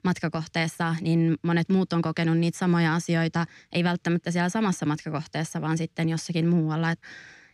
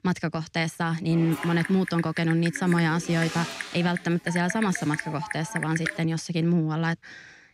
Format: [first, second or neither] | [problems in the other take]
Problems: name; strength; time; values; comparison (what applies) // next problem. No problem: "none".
first | keyboard typing; noticeable; from 1 to 6 s; peak 4 dB below the speech